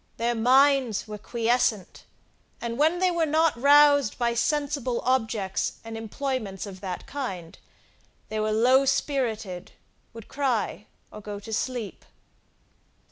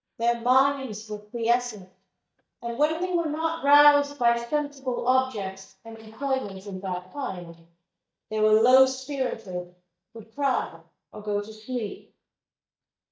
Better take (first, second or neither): first